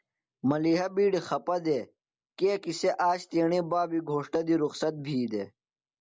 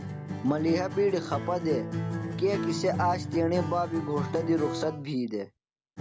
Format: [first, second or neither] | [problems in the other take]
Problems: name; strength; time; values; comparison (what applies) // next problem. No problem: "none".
first | background sound (Acoustic guitar); 5 dB below the speech